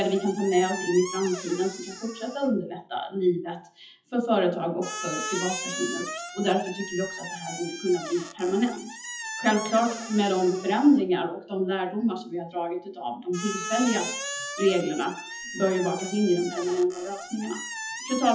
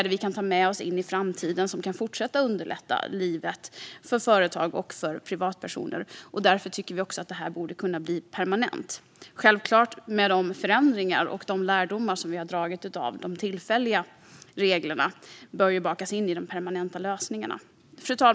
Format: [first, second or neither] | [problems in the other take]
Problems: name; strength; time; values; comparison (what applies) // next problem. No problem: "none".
second | noise reduction (classical method WPE with log-MMSE)